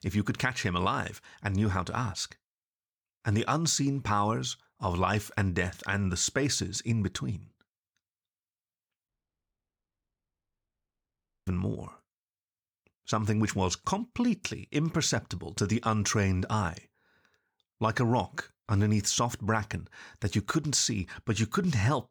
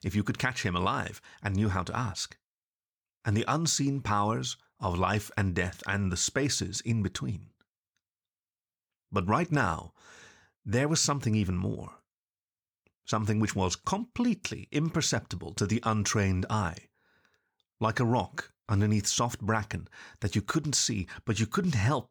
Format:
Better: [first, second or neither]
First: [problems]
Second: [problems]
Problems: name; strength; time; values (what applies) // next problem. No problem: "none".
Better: second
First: audio cutting out; at 9 s for 2.5 s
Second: none